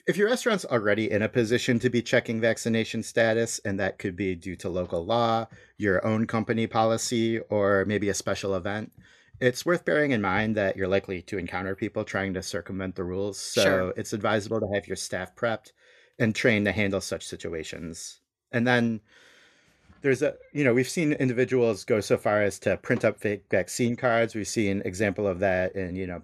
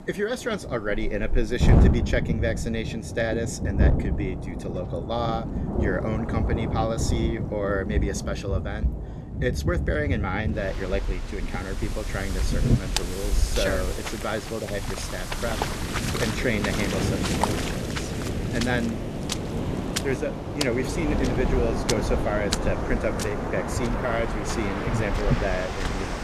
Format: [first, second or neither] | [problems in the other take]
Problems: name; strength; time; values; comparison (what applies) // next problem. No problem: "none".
first | rain or running water; very loud; throughout; 2 dB above the speech